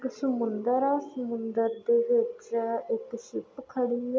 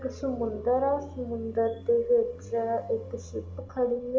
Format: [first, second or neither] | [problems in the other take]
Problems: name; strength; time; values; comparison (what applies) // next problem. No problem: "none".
first | background sound (Motorcycle); 16 dB below the speech // room echo; dies away in 0.6 s